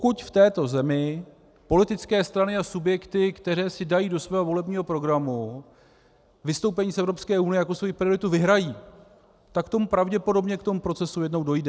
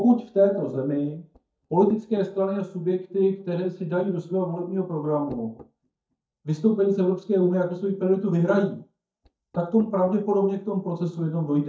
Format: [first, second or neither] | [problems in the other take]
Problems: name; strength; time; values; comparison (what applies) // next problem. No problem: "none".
first | noise reduction (neural mask model DeepFilterNet 3)